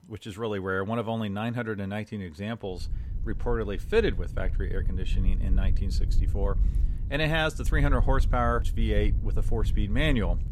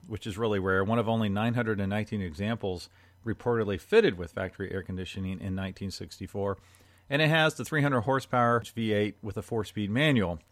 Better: second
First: wind noise on the microphone; occasional gusts; from 2.5 s on; 20 dB below the speech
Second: none

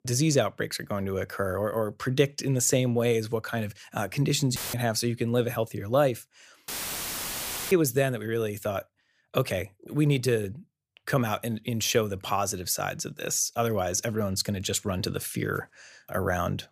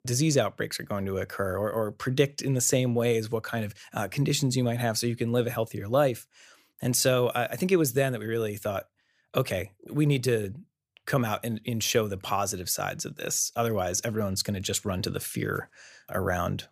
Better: second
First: audio cutting out; filled with static; at 4.5 s and at 6.5 s for 1 s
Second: none

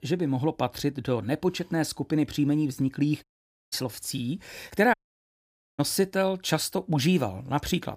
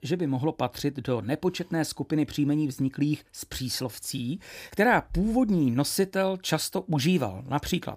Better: second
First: audio cutting out; at 3 s and at 5 s for 1 s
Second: none

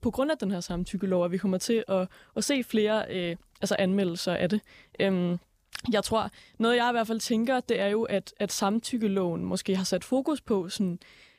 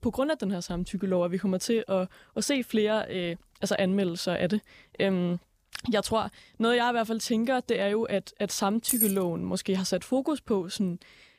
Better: first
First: none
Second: jangling keys; loud; at 9 s; peak 3 dB above the speech

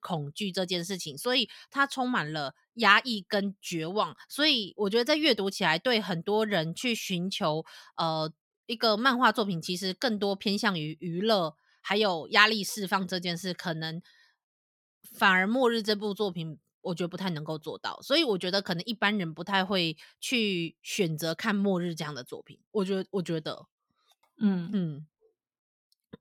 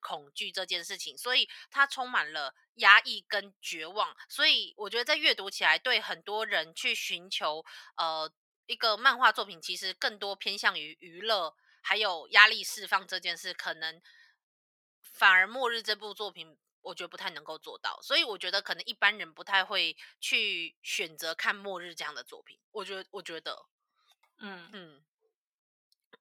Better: first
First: none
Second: thin; very; fading below 650 Hz

